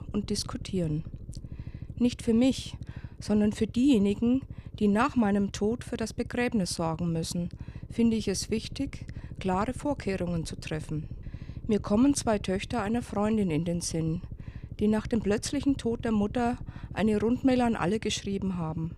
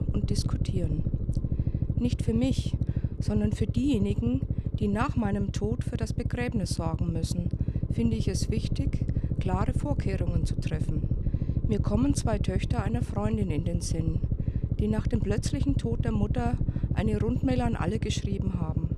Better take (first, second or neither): first